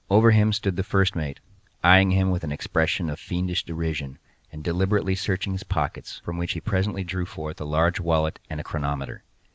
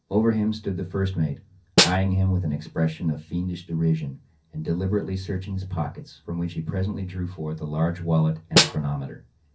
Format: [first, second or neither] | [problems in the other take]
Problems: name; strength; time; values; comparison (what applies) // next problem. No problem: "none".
first | background sound (Snare drum); 2 dB above the speech // room echo; dies away in 0.3 s